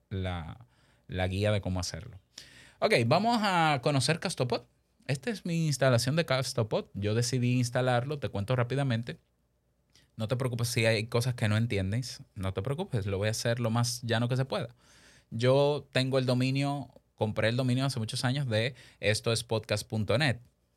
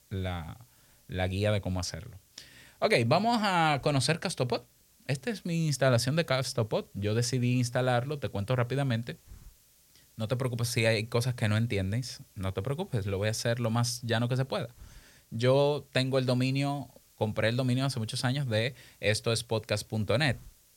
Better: first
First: none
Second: hiss; faint; throughout; 30 dB below the speech

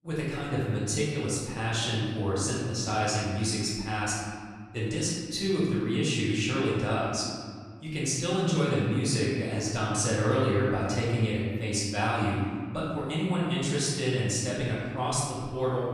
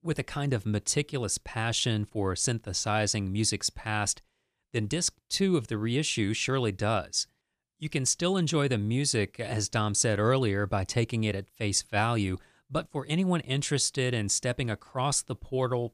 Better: second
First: room echo; strong; dies away in 1.8 s // off-mic speech; far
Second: none

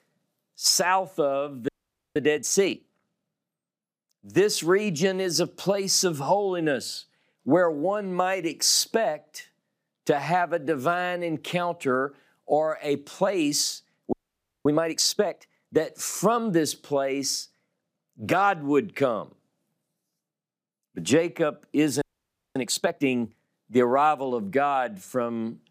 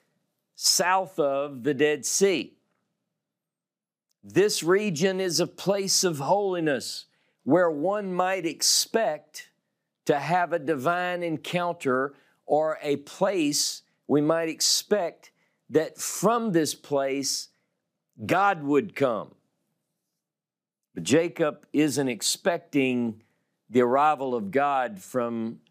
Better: second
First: audio freezing; at 1.5 s, at 14 s for 0.5 s and at 22 s for 0.5 s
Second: none

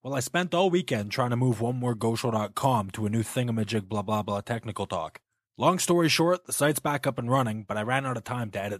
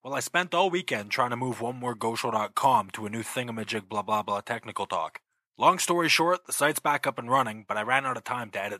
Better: first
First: none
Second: thin; somewhat; fading below 800 Hz

